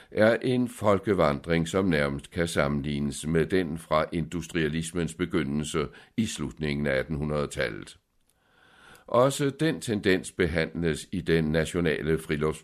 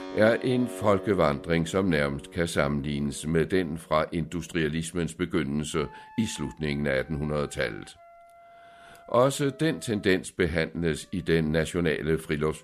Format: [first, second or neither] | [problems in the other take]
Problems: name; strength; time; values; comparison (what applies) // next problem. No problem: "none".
first | background music; noticeable; throughout; 20 dB below the speech